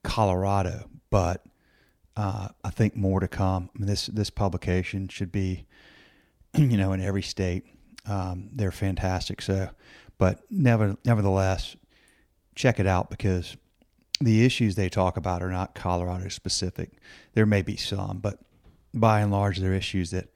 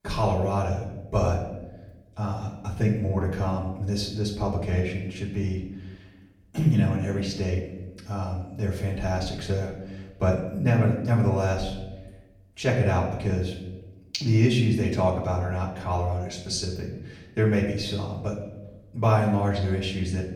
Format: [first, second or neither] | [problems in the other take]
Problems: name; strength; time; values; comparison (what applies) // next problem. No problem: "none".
first | off-mic speech; far // room echo; noticeable; dies away in 0.9 s